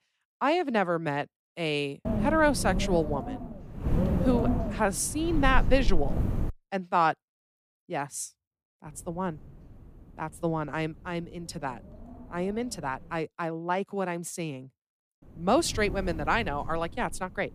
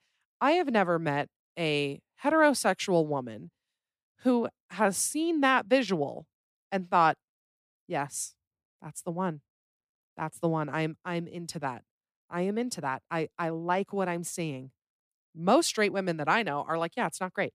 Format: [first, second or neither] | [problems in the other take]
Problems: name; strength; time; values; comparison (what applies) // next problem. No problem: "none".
second | wind noise on the microphone; heavy; from 2 to 6.5 s, from 9 to 13 s and from 15 s on; 9 dB below the speech